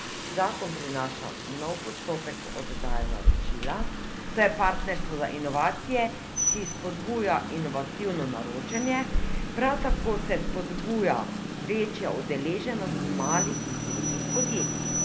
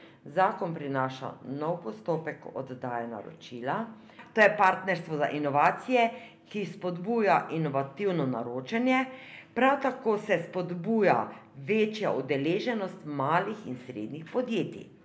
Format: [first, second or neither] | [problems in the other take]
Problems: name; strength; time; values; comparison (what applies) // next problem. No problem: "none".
second | background sound (Rain); as loud as the speech